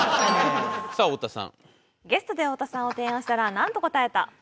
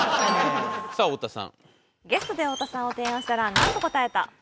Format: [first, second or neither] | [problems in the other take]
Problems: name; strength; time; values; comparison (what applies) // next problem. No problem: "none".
first | background sound (Slam); 5 dB below the speech